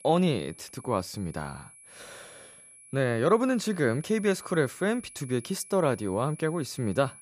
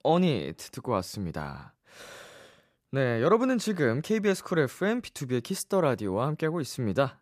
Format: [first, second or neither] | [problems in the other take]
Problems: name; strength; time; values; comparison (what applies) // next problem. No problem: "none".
second | high-pitched whine; noticeable; throughout; 10.5 kHz, 20 dB below the speech